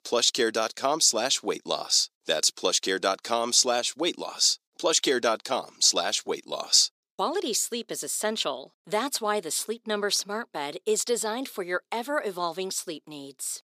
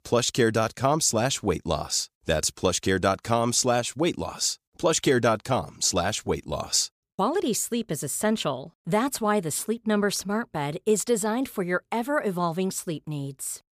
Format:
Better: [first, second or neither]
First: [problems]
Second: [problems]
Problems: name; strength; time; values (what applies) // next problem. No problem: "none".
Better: second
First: thin; somewhat; fading below 300 Hz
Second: none